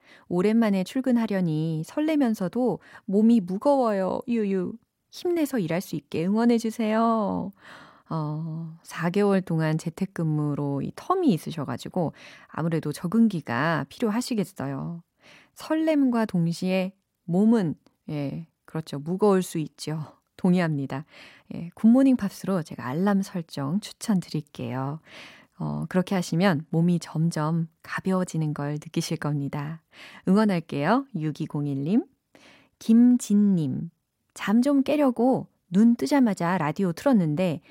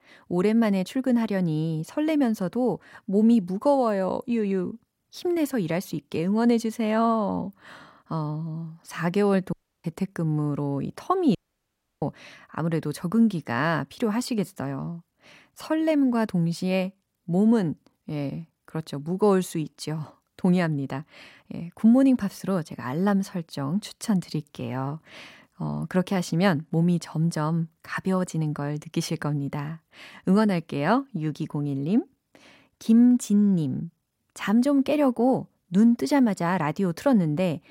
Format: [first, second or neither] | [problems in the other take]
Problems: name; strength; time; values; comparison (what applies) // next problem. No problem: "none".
first | audio cutting out; at 9.5 s and at 11 s for 0.5 s